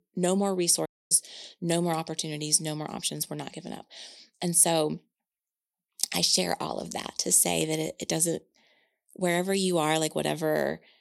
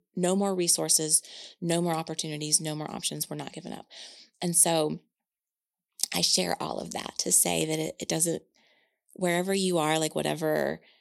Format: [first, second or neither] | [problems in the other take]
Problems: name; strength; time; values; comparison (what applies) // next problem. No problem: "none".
second | audio cutting out; at 1 s